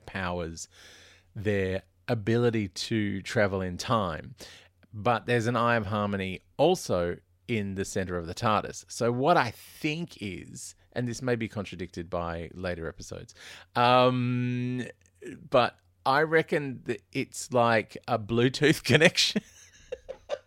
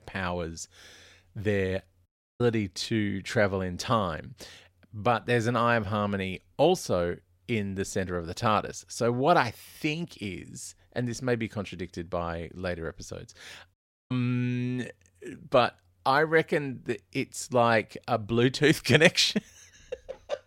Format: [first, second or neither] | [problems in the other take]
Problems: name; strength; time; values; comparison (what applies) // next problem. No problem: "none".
first | audio cutting out; at 2 s and at 14 s